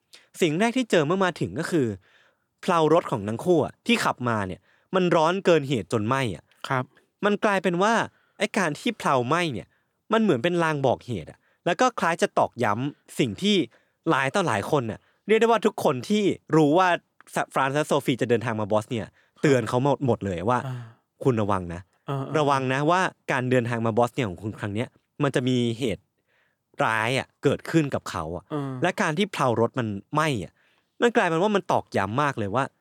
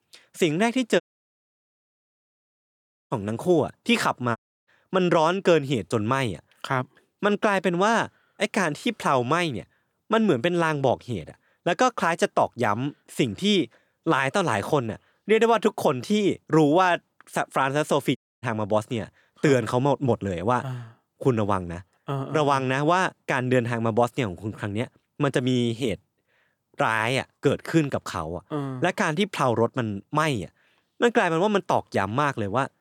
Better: first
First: none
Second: audio cutting out; at 1 s for 2 s, at 4.5 s and at 18 s

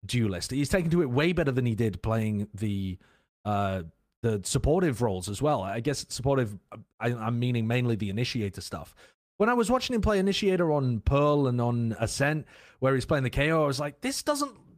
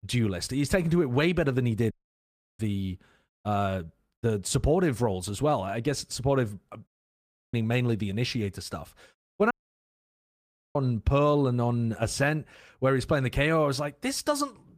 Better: first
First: none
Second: audio cutting out; at 2 s for 0.5 s, at 7 s for 0.5 s and at 9.5 s for 1 s

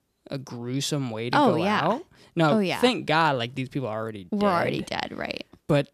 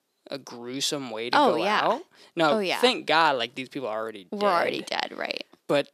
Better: first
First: none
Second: thin; somewhat; fading below 350 Hz

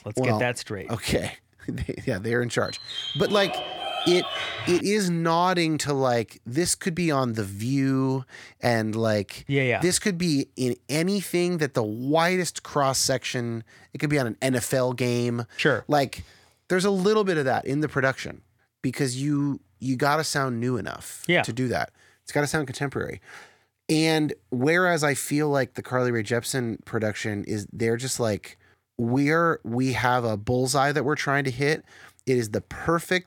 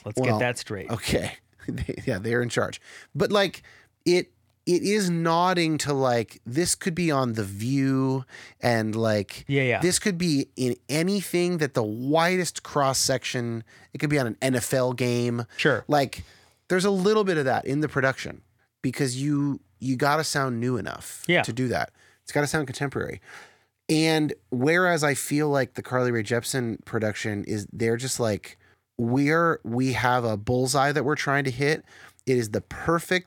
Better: second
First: dog barking; noticeable; from 2.5 to 5 s; peak 3 dB below the speech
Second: none

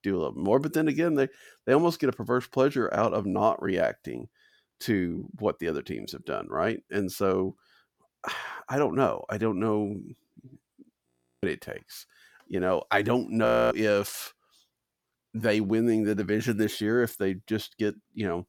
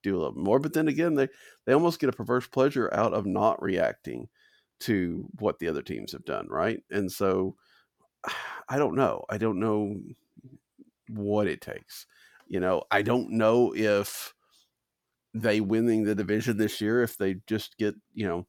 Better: second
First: audio freezing; at 11 s and at 13 s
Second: none

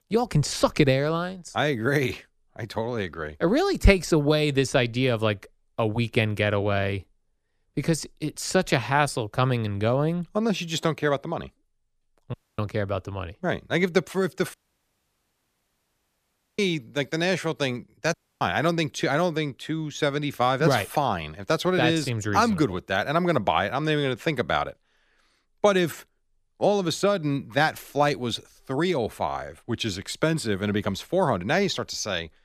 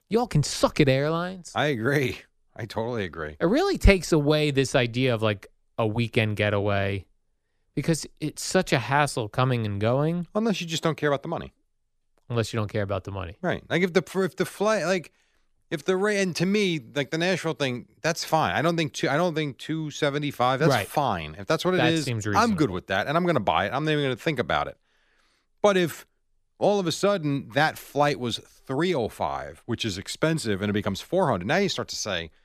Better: second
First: audio cutting out; at 12 s, at 15 s for 2 s and at 18 s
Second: none

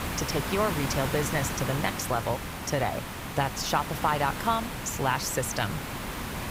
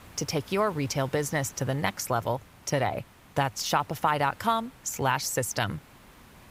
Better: second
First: hiss; loud; throughout; 4 dB below the speech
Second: hiss; faint; throughout; 25 dB below the speech

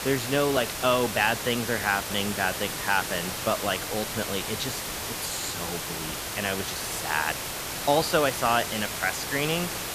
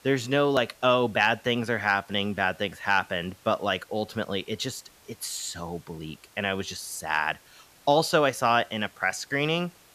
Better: second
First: hiss; loud; throughout; 3 dB below the speech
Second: hiss; faint; throughout; 30 dB below the speech

